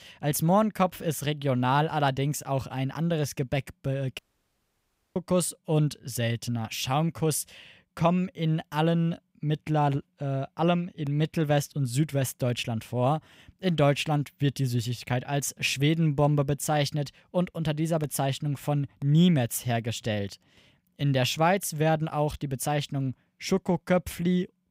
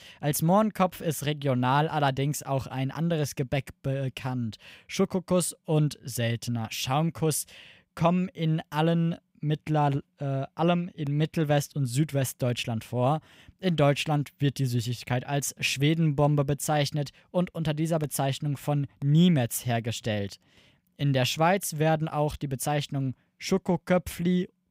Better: second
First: audio cutting out; at 4 s for 1 s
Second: none

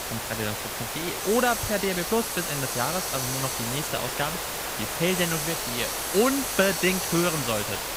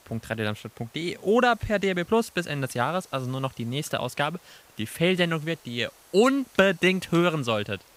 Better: second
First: hiss; loud; throughout; 1 dB below the speech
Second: hiss; faint; throughout; 25 dB below the speech

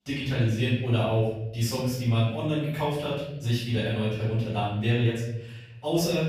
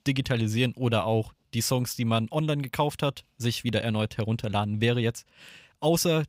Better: second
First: room echo; noticeable; dies away in 0.9 s // off-mic speech; far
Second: none

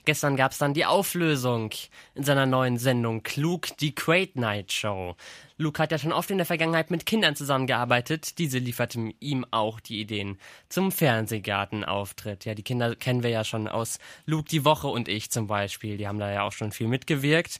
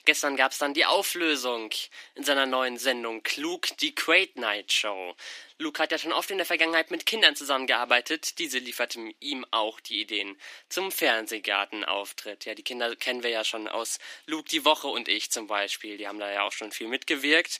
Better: first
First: none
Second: thin; somewhat; fading below 300 Hz

